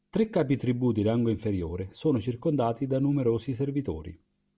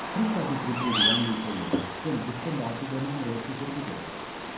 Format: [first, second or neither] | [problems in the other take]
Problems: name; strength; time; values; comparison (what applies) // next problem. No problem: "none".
first | background sound (Bird vocalization, bird call, bird song); as loud as the speech // room echo; dies away in 0.5 s